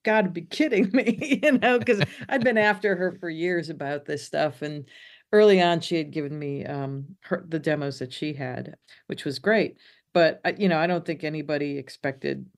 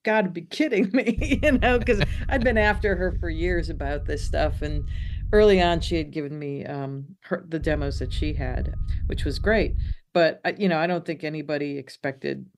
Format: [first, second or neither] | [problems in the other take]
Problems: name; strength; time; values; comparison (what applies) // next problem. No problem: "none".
first | low rumble; faint; from 1 to 6 s and from 7.5 to 10 s; 25 dB below the speech